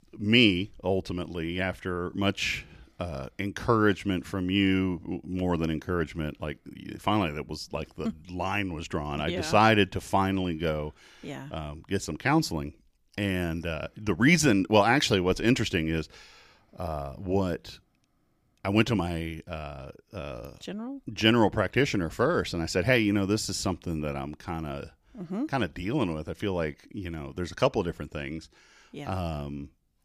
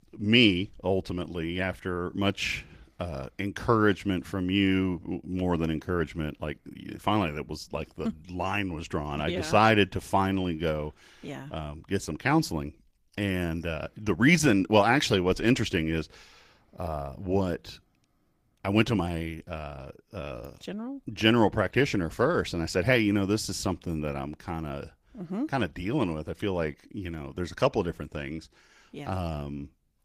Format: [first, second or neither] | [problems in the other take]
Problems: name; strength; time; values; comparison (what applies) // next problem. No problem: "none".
first | garbled, watery; slightly; nothing above 15 kHz